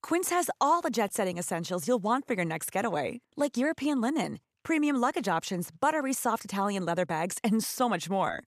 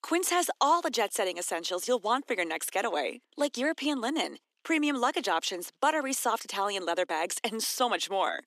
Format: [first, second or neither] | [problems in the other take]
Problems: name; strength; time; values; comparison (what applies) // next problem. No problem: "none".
first | thin; very slightly; fading below 300 Hz